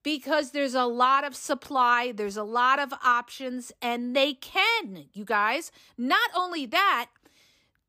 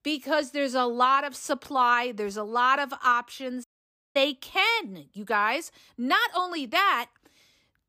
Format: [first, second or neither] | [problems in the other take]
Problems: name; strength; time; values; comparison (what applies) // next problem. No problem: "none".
first | audio cutting out; at 3.5 s for 0.5 s